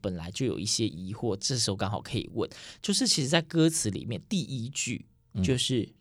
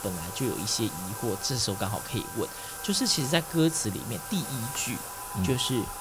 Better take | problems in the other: first | household noises; loud; throughout; 7 dB below the speech

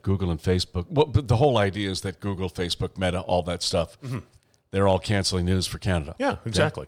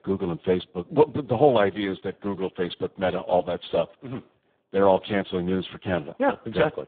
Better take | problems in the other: first | phone-call audio; poor line

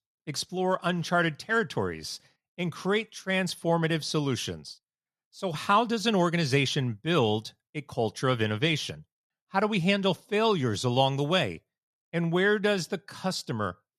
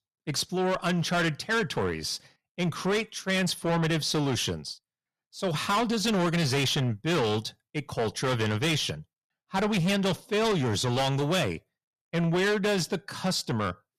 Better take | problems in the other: first | distortion; heavy; 6 dB below the speech

